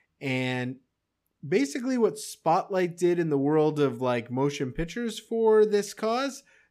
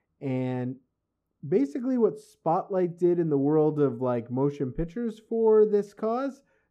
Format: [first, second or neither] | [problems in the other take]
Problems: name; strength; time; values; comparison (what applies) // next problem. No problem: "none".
first | muffled; very; fading above 1 kHz